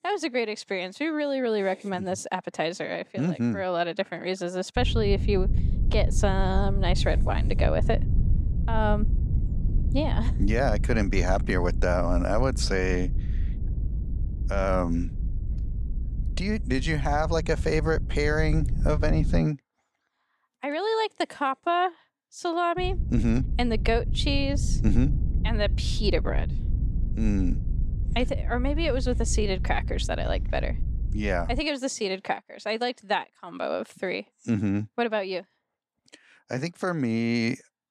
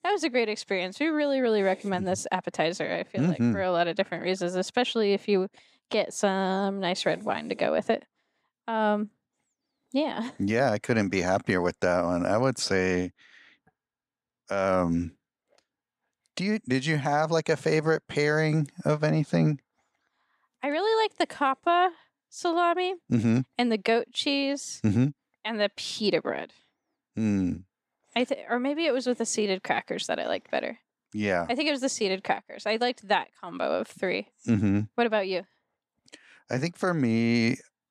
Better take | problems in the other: second | low rumble; noticeable; from 5 to 19 s and from 23 to 32 s; 15 dB below the speech

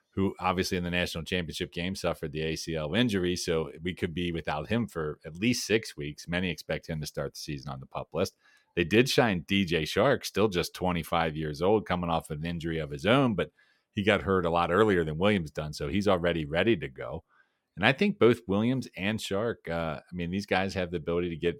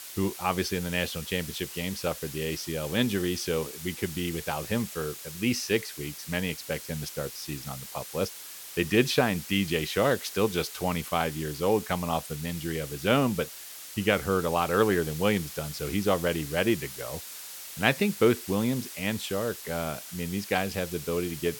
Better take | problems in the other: first | hiss; noticeable; throughout; 10 dB below the speech

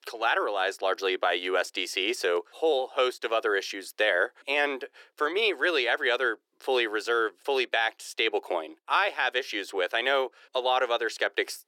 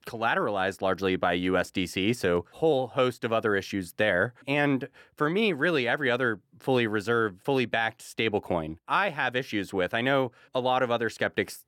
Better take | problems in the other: second | thin; very; fading below 350 Hz

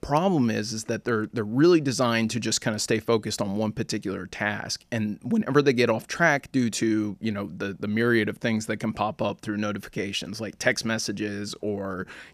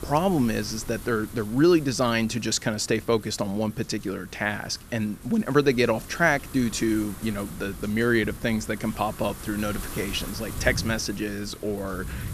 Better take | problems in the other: first | wind noise on the microphone; occasional gusts; 15 dB below the speech

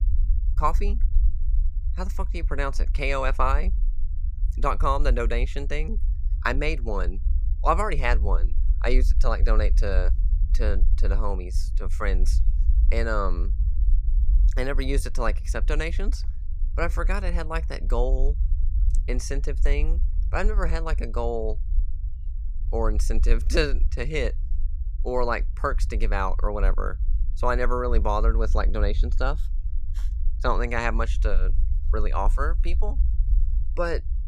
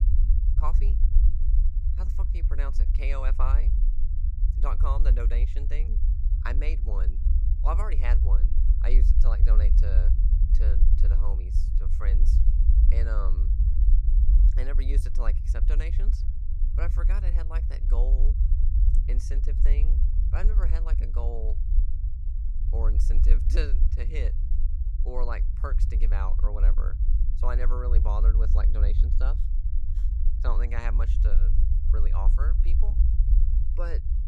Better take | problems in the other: first | low rumble; loud; throughout; 7 dB below the speech; faint in the first

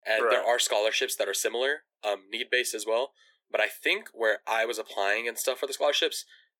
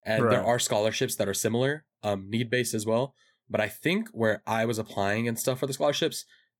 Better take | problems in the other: second | thin; very; fading below 400 Hz

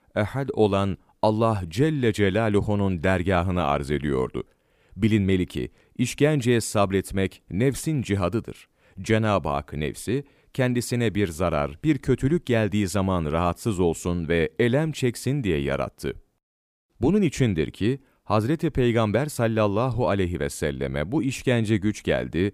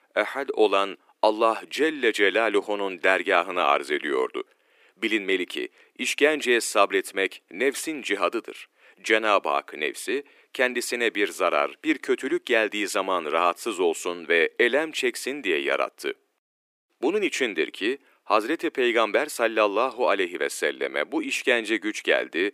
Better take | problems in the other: first | thin; very; fading below 300 Hz

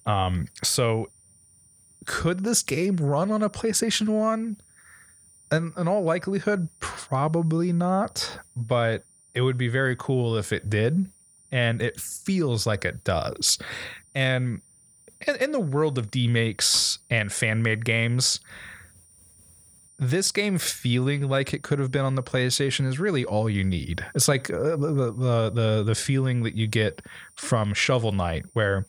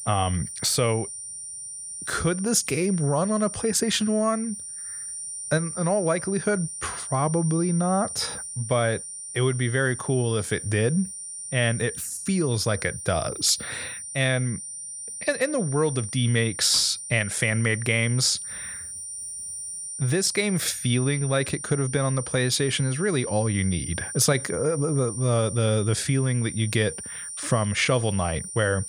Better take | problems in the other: first | high-pitched whine; loud; throughout; 9 kHz, 8 dB below the speech; faint in the first

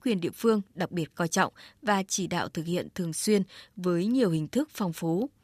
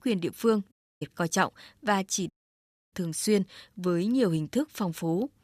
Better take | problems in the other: first | audio cutting out; at 0.5 s and at 2.5 s for 0.5 s

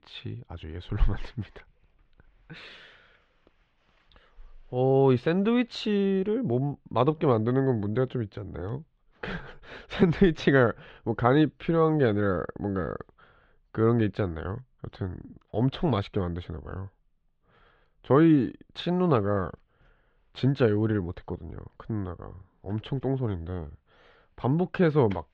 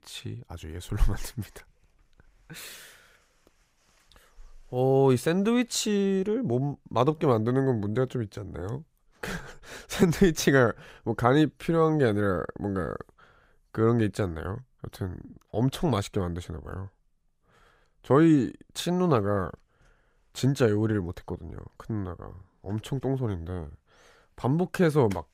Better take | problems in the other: second | muffled; slightly; fading above 3.5 kHz

